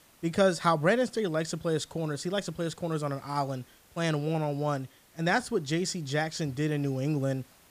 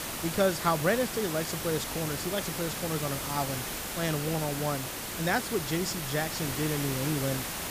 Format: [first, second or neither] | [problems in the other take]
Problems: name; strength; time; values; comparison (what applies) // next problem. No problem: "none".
first | hiss; loud; throughout; 2 dB below the speech; faint in the first